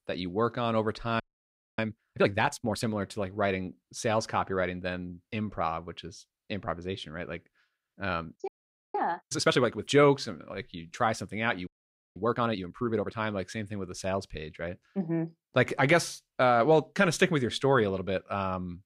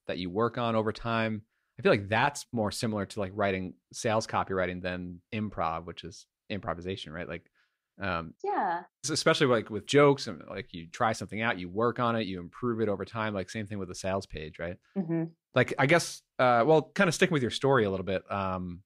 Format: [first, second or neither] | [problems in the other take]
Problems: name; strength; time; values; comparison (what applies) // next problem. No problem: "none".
second | audio freezing; at 1 s for 0.5 s, at 8.5 s and at 12 s